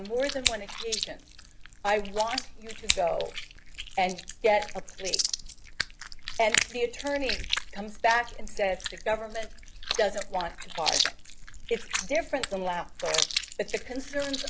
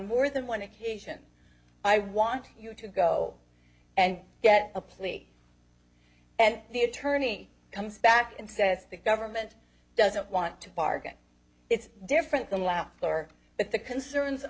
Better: second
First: background sound (Scissors + Chewing, mastication); 2 dB below the speech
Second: none

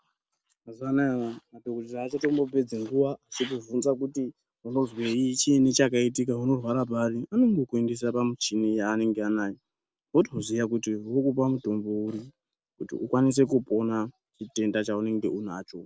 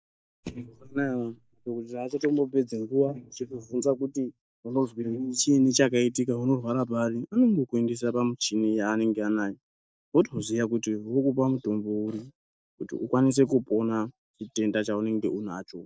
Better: first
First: none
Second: noise reduction (neural mask model DeepFilterNet 3)

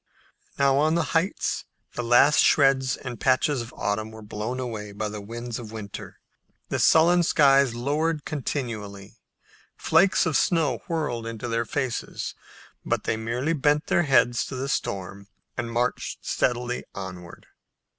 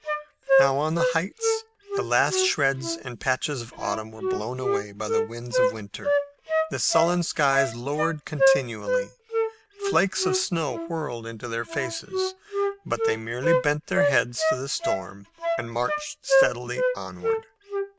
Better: first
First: none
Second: background sound (Wind instrument, woodwind instrument); 1 dB above the speech

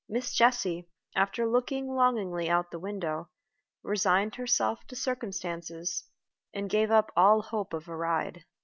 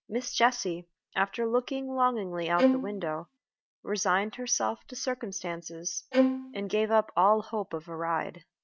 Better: first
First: none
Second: noise reduction (neural mask model RNNoise)

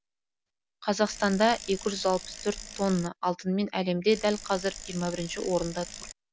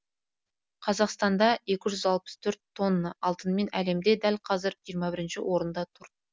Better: second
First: background sound (Bicycle); 13 dB below the speech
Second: none

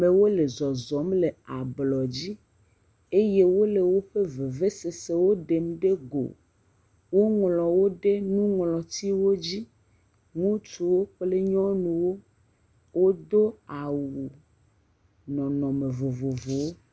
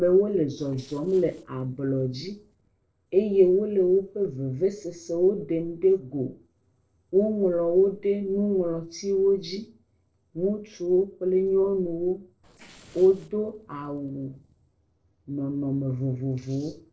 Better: first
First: none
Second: noise reduction (neural separator model SepFormer DNS4)

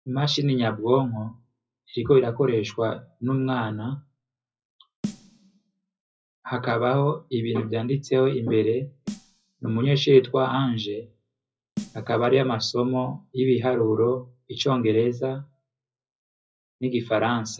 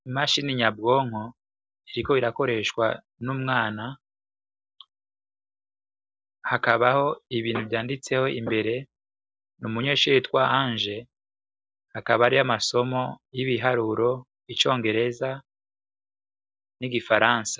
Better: second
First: noise reduction (classical method WPE with log-MMSE)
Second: none

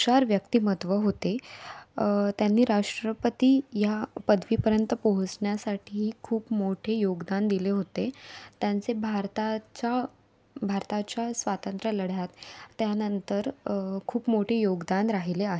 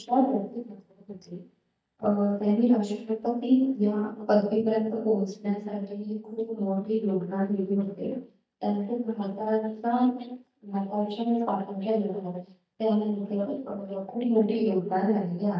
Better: first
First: none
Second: noise reduction (neural mask model DeepFilterNet 3)

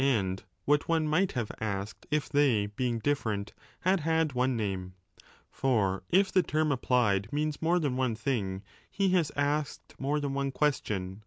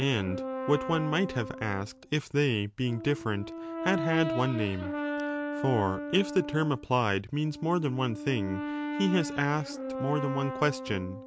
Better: first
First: none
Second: background sound (Brass instrument); 6 dB below the speech

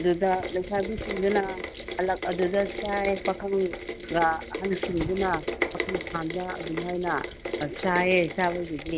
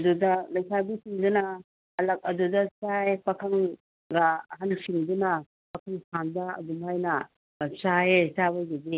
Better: second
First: background sound (Rain); 7 dB below the speech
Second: none

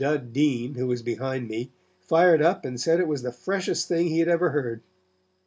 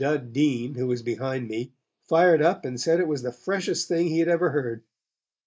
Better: first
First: none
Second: noise reduction (neural mask model Resemble Enhance denoiser)

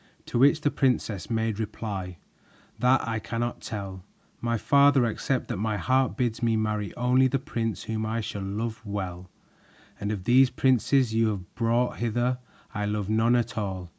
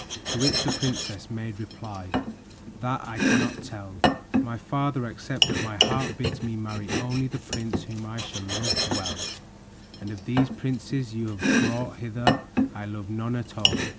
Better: first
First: none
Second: background sound (Domestic sounds, home sounds); 2 dB above the speech

